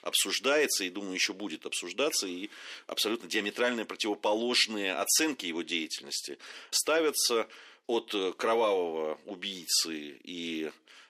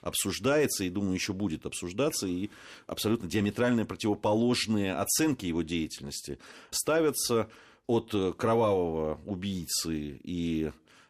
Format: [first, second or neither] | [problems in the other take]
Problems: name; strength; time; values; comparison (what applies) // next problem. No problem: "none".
second | thin; somewhat; fading below 300 Hz